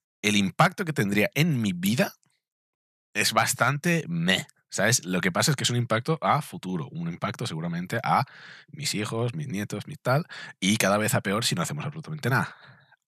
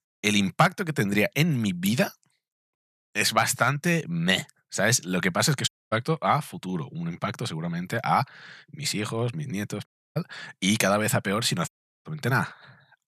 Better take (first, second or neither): first